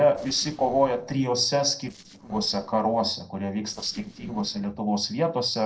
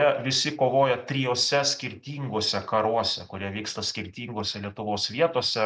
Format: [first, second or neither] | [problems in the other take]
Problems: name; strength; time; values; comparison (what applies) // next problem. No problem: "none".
second | noise reduction (neural separator model SepFormer DNS4)